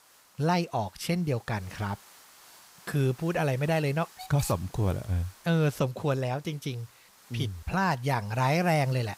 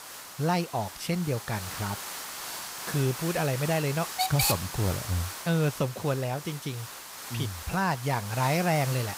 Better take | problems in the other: first | hiss; loud; throughout; 5 dB below the speech; faint in the first

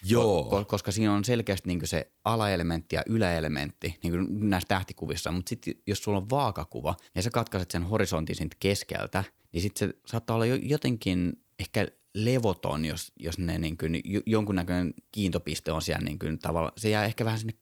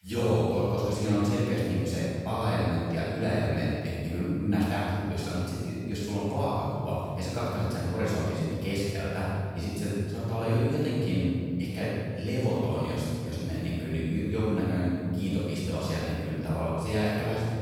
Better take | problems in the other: first | room echo; strong; dies away in 3 s // off-mic speech; far

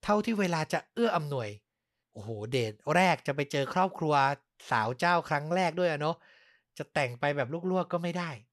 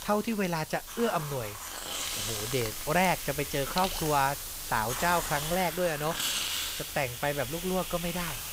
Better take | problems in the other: first | hiss; loud; throughout; 3 dB below the speech

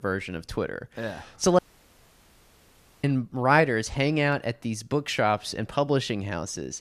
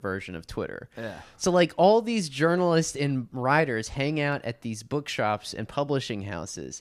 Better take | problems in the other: second | audio cutting out; at 1.5 s for 1.5 s

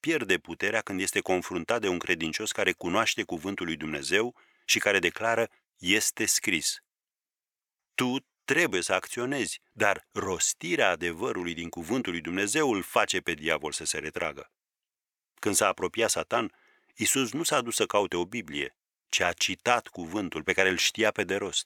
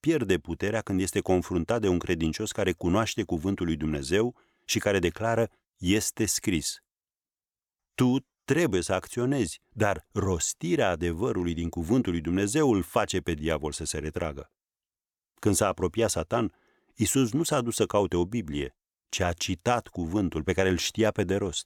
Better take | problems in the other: second | thin; somewhat; fading below 600 Hz

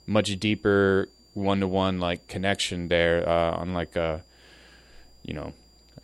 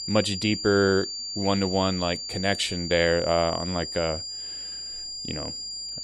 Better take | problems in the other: first | high-pitched whine; loud; throughout; 4.5 kHz, 6 dB below the speech; faint in the first

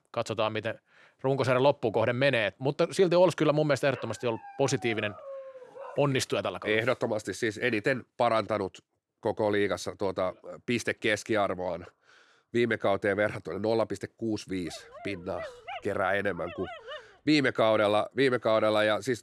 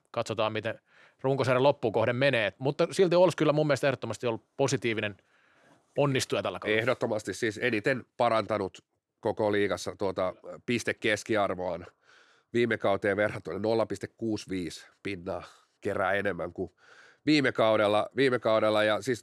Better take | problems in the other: second | dog barking; faint; from 4 to 6 s and from 15 to 17 s; peak 10 dB below the speech

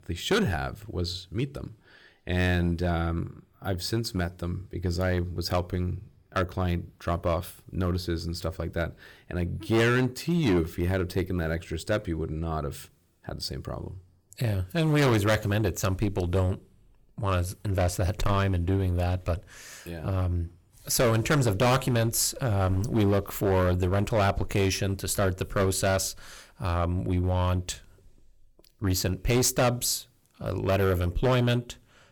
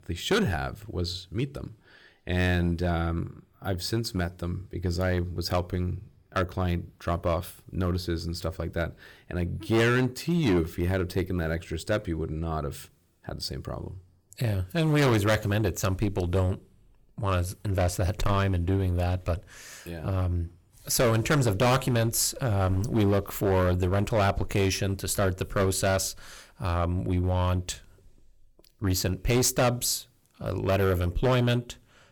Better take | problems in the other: neither | distortion; heavy; 7% of the sound clipped; the same in both

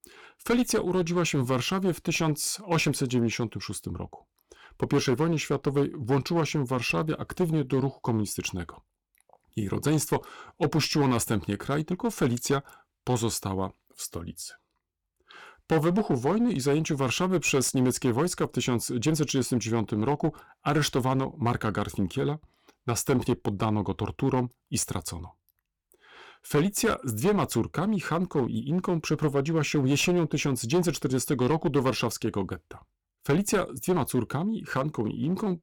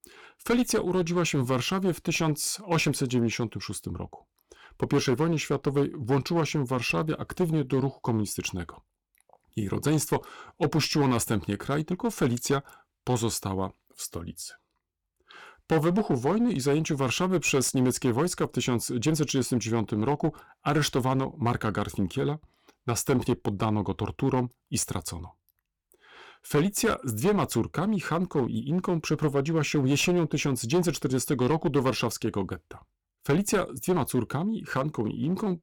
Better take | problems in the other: neither | distortion; slight; 7% of the sound clipped; the same in both

